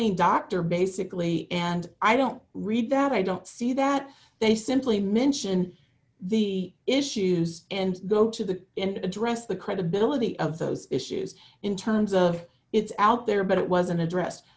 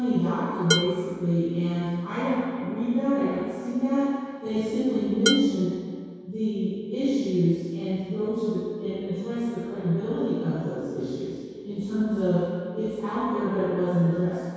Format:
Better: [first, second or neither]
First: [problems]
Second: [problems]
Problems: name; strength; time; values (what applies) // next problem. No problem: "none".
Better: first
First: none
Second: background sound (Dishes, pots, and pans); 5 dB below the speech // room echo; dies away in 2 s